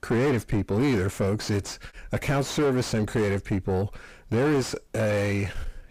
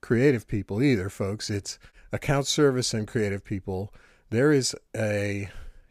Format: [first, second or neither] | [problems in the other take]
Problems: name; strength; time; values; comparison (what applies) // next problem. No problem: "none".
second | distortion; heavy; 5 dB below the speech